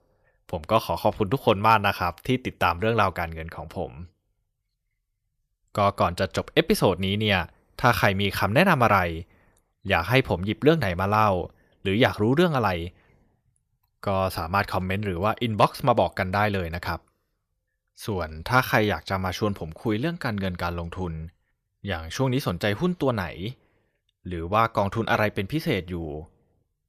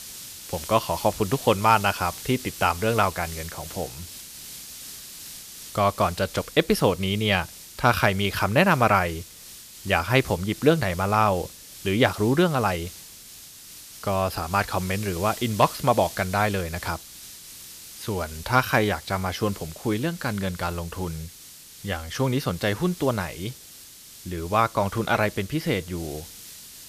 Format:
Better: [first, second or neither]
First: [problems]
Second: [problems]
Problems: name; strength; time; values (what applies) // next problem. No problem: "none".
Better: first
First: none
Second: hiss; noticeable; throughout; 15 dB below the speech